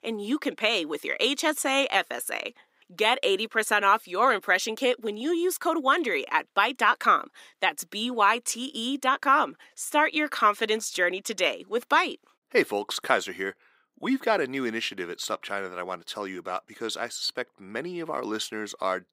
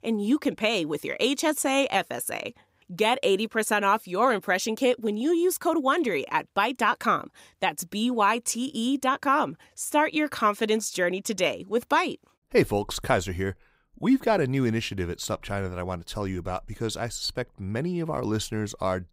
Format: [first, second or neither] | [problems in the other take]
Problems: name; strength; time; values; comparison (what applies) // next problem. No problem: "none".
second | thin; very slightly; fading below 250 Hz